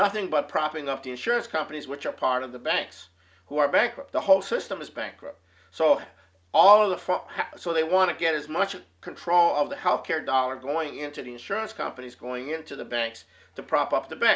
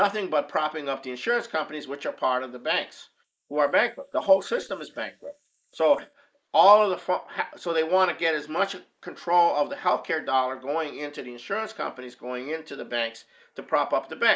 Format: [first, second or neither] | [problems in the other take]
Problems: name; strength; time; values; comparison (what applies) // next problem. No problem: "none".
first | noise reduction (neural mask model Resemble Enhance denoiser)